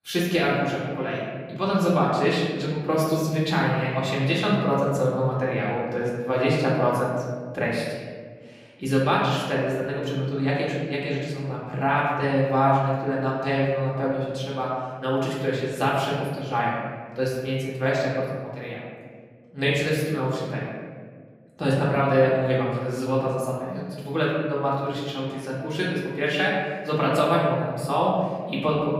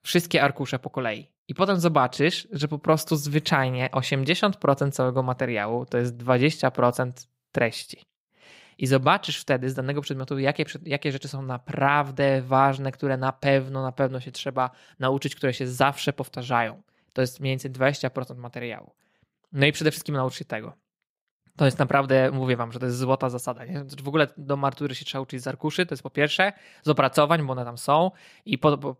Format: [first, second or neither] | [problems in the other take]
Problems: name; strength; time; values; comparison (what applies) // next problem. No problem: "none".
second | room echo; noticeable; dies away in 1.6 s // off-mic speech; far